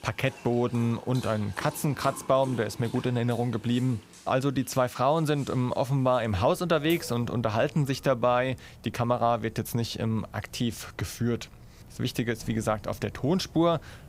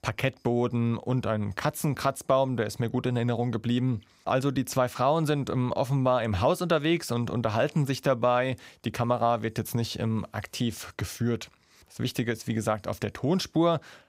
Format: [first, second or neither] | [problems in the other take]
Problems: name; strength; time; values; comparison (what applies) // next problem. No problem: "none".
second | animal sounds; noticeable; throughout; 20 dB below the speech